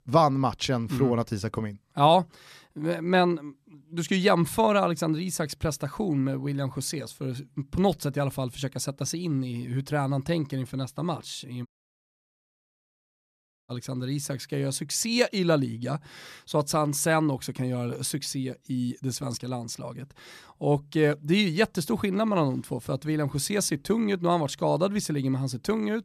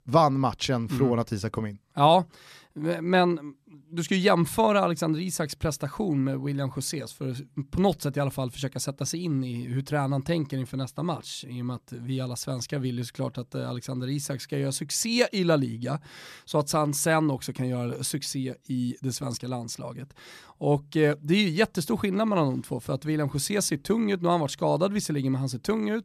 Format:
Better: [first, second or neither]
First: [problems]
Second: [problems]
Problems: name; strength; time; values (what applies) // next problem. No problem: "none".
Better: second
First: audio cutting out; at 12 s for 2 s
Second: none